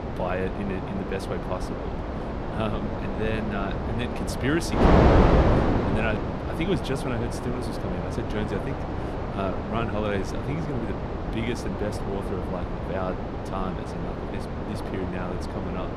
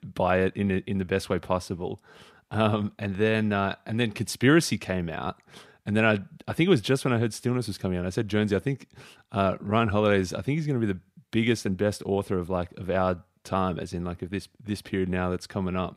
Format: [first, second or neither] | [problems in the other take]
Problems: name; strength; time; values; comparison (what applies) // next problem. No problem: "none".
second | wind noise on the microphone; heavy; 3 dB above the speech